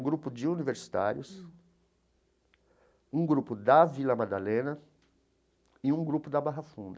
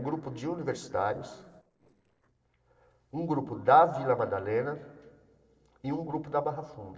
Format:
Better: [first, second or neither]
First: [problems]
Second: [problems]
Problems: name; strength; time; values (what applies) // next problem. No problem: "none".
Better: first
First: none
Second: noise reduction (neural separator model SepFormer DNS4)